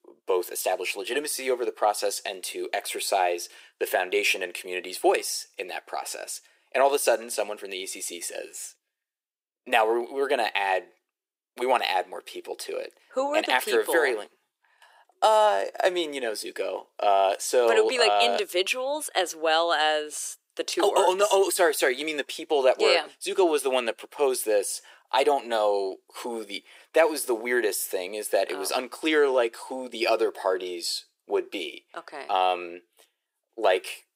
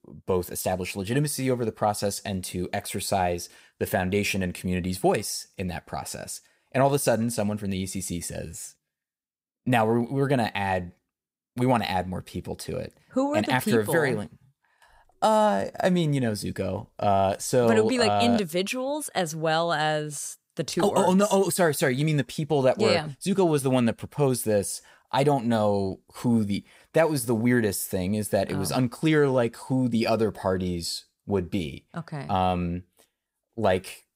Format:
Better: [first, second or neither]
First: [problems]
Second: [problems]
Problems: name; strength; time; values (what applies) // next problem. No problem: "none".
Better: second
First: thin; very; fading below 350 Hz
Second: none